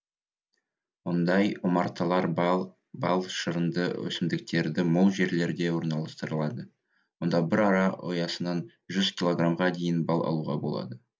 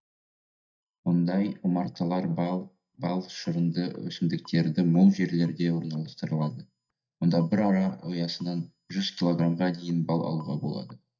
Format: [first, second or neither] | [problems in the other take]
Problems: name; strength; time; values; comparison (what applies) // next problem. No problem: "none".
first | noise reduction (neural mask model DeepFilterNet 3)